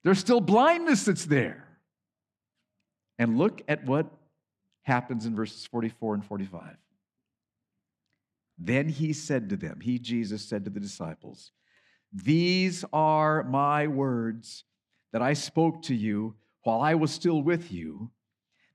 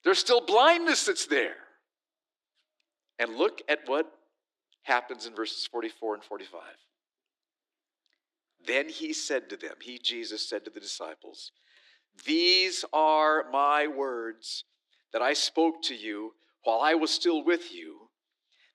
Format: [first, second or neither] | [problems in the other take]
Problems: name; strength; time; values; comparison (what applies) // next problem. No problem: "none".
first | thin; very; fading below 300 Hz